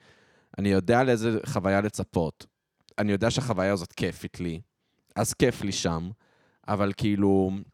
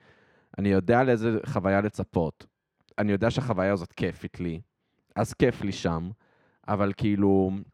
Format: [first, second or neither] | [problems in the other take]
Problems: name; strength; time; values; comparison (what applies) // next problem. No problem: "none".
first | muffled; slightly; fading above 4 kHz